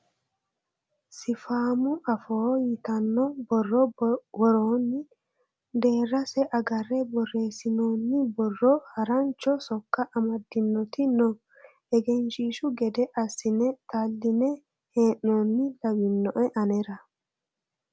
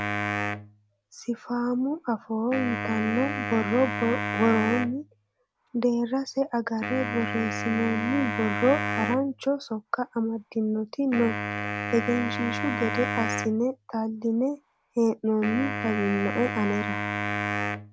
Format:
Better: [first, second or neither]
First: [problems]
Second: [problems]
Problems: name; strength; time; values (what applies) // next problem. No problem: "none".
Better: first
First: none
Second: background sound (Wind instrument, woodwind instrument); 5 dB below the speech